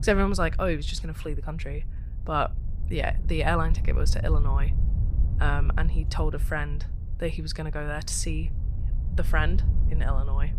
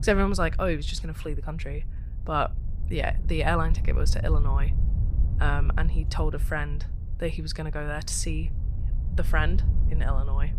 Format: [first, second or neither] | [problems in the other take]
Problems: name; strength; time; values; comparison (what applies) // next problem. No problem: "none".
neither | wind noise on the microphone; occasional gusts; 15 dB below the speech; the same in both